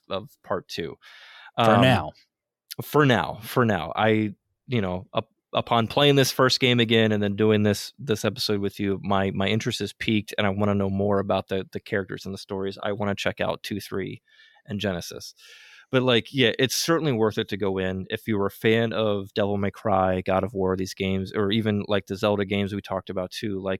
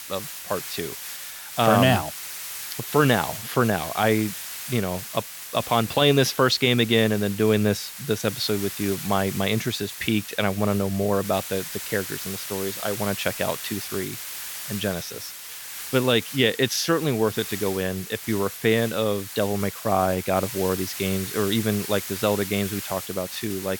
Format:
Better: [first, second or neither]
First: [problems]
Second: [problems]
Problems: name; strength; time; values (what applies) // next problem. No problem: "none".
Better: first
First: none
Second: hiss; loud; throughout; 9 dB below the speech